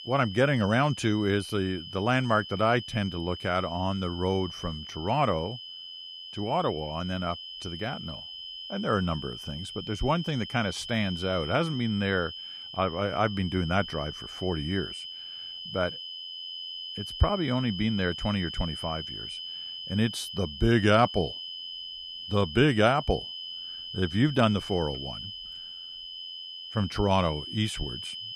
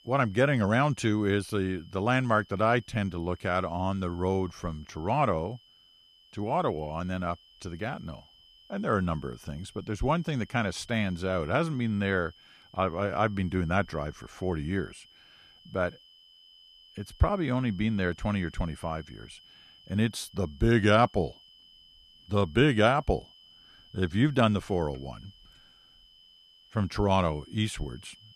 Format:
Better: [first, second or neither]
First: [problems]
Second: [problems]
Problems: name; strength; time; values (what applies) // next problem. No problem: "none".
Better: second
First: high-pitched whine; loud; throughout; 3 kHz, 9 dB below the speech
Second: high-pitched whine; faint; throughout; 3 kHz, 25 dB below the speech